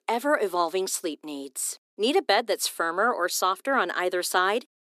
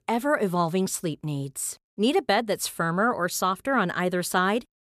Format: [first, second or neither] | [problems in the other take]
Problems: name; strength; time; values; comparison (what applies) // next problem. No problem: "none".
second | thin; somewhat; fading below 300 Hz